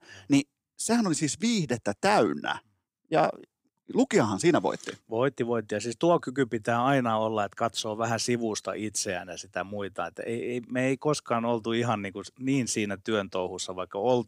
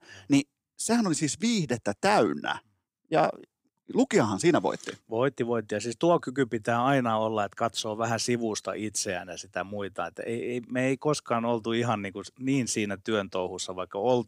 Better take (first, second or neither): neither